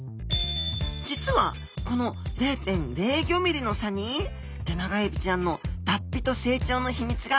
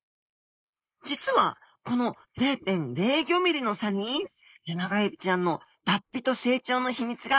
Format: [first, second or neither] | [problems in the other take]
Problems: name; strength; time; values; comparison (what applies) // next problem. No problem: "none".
first | noise reduction (neural mask model Resemble Enhance denoiser)